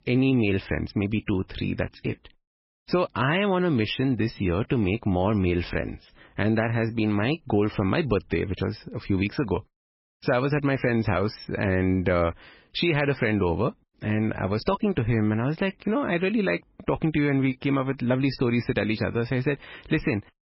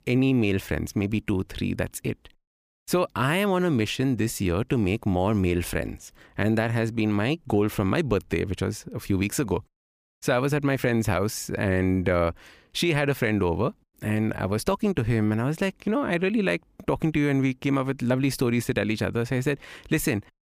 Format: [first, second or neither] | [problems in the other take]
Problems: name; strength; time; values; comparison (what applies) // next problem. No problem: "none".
second | garbled, watery; badly; nothing above 5.5 kHz